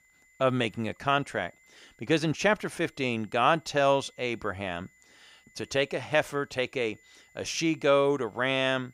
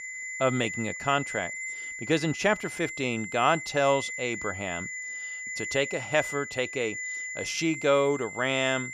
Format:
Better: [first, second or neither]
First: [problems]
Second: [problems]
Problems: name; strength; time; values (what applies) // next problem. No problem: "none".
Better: first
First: high-pitched whine; faint; throughout; 2 kHz, 35 dB below the speech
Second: high-pitched whine; loud; throughout; 2 kHz, 7 dB below the speech